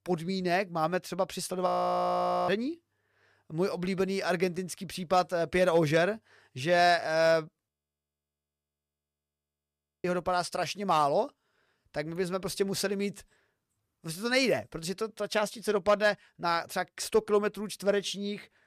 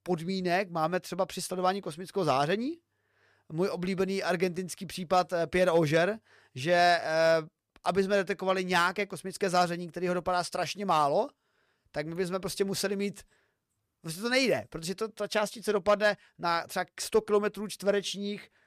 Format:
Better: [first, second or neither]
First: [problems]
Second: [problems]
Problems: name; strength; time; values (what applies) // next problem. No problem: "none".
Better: second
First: audio freezing; at 1.5 s for 1 s and at 7.5 s for 2.5 s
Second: none